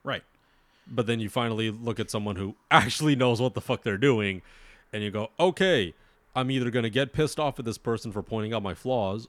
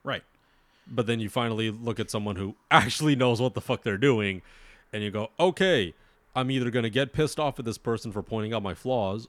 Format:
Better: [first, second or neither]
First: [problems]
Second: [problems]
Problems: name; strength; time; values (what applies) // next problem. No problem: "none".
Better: neither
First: none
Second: none